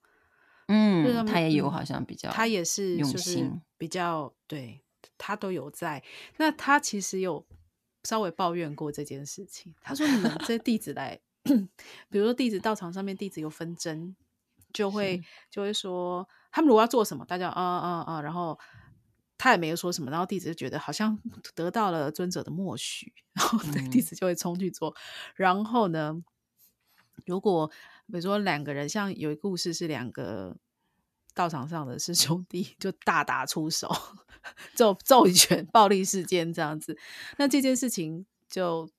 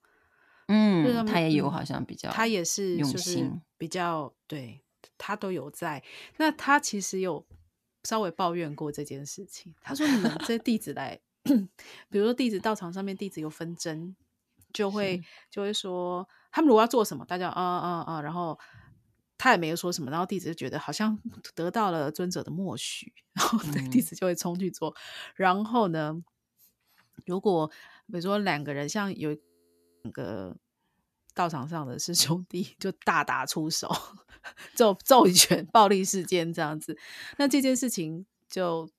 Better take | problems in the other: first | audio freezing; at 29 s for 0.5 s

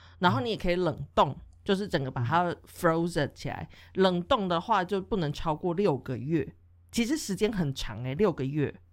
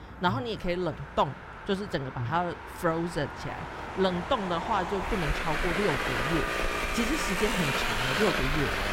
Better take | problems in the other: first | traffic noise; very loud; throughout; 1 dB above the speech

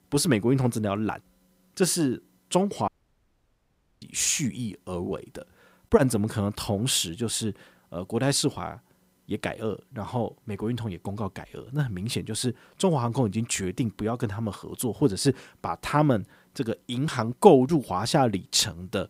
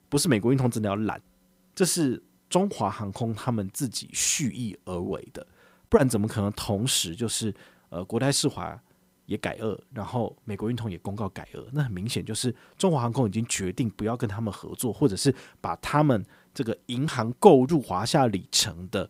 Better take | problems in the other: second | audio cutting out; at 3 s for 1 s

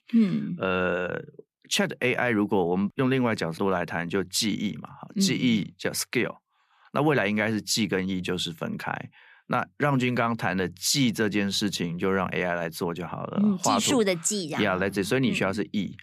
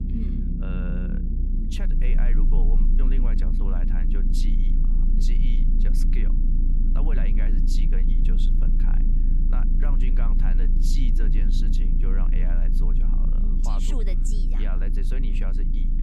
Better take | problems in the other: first | low rumble; loud; throughout; 1 dB below the speech

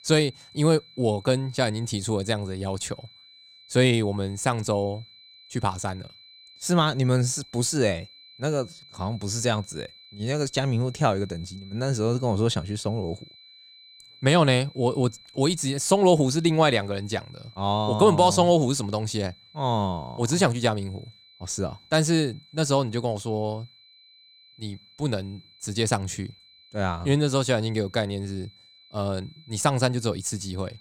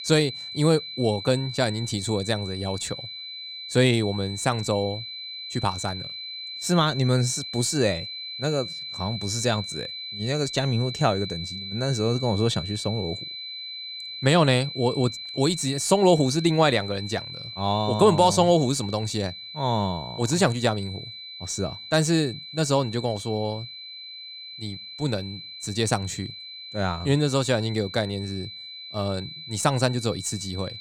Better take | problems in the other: first | high-pitched whine; loud; throughout; 4 kHz, 10 dB below the speech; faint in the first

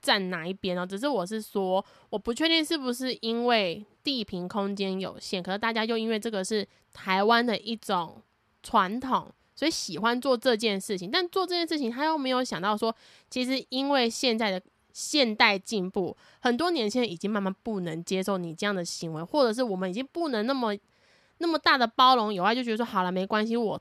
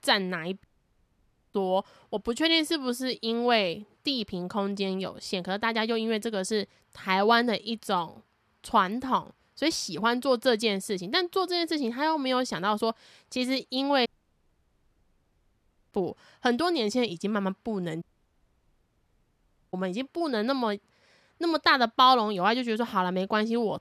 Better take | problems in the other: first | audio cutting out; at 0.5 s for 1 s, at 14 s for 2 s and at 18 s for 1.5 s

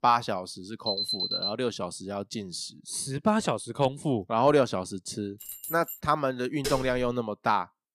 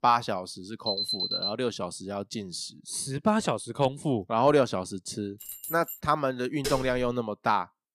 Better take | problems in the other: neither | alarm; loud; at 1 s; peak 1 dB above the speech; the same in both // jangling keys; noticeable; at 5.5 s; peak 8 dB below the speech; the same in both // clattering dishes; noticeable; at 6.5 s; peak 5 dB below the speech; the same in both

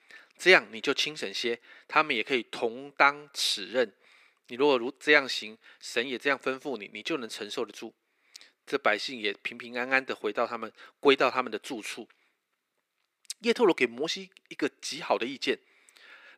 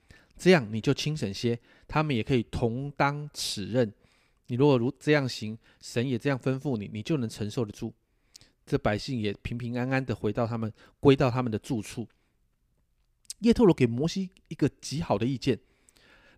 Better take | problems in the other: second | thin; somewhat; fading below 350 Hz

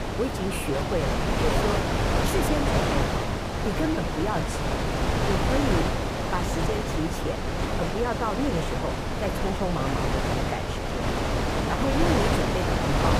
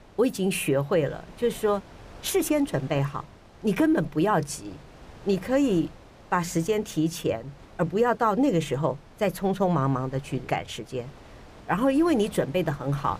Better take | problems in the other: second | wind noise on the microphone; heavy; 4 dB above the speech; occasional gusts in the second

